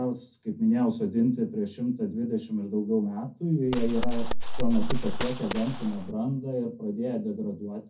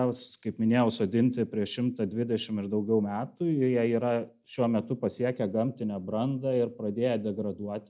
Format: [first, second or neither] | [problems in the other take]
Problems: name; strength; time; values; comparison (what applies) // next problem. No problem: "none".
second | background sound (Gunshot, gunfire); 4 dB above the speech // room echo; dies away in 0.3 s